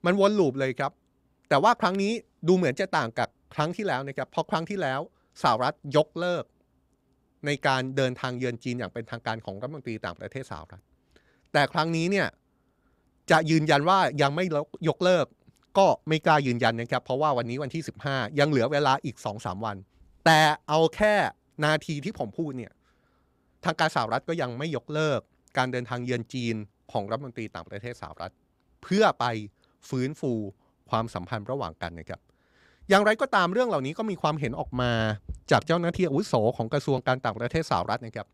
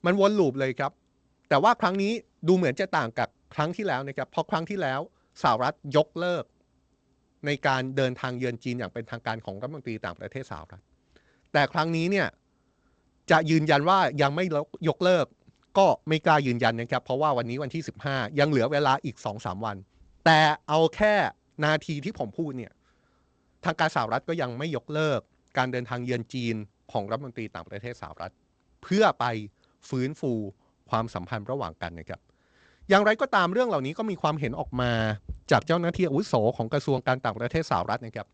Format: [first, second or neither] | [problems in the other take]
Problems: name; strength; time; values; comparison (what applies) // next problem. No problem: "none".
first | garbled, watery; slightly; nothing above 7.5 kHz